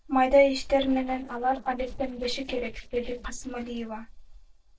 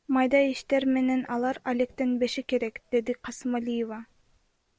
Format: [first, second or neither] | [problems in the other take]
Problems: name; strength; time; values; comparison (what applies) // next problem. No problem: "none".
second | noise reduction (neural separator model SepFormer DNS4)